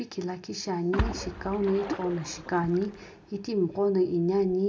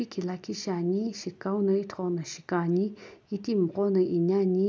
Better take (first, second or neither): second